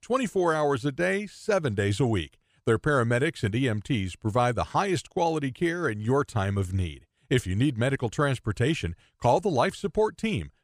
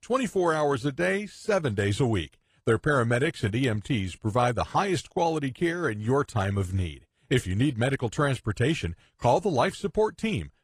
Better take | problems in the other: first | garbled, watery; slightly; nothing above 15 kHz

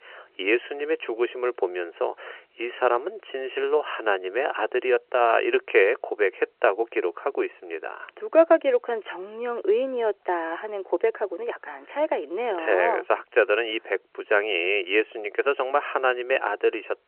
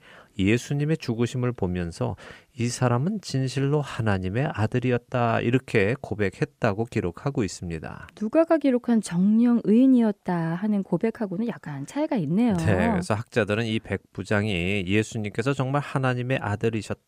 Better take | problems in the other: second | phone-call audio; nothing above 2.5 kHz

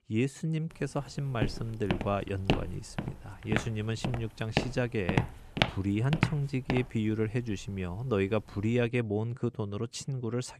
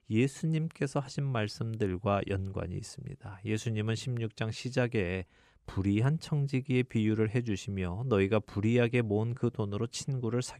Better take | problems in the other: second | footsteps; loud; from 1.5 to 7 s; peak 2 dB above the speech

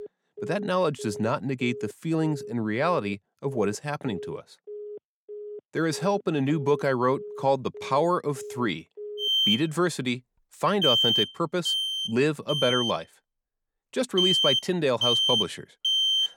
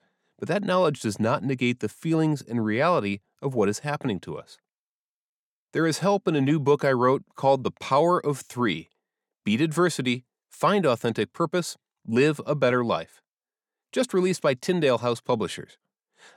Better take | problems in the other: second | alarms or sirens; very loud; throughout; 3 dB above the speech

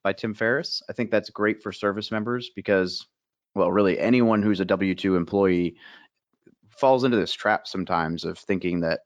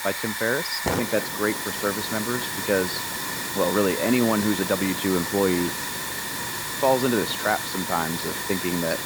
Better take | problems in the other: first | hiss; loud; throughout; 2 dB below the speech

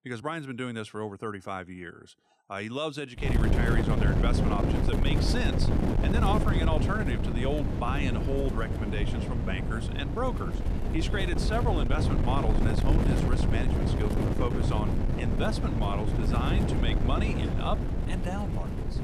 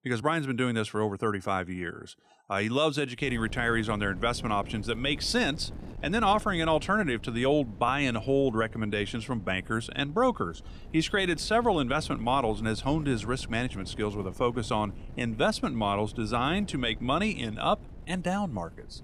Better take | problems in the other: second | wind noise on the microphone; heavy; from 3 s on; 2 dB below the speech; occasional gusts in the second

